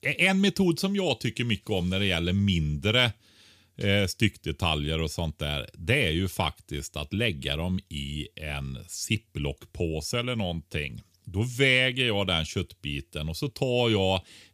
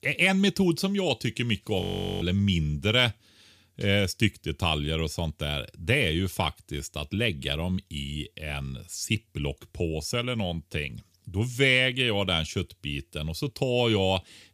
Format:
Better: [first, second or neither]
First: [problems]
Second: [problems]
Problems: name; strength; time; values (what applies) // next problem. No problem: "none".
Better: first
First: none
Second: audio freezing; at 2 s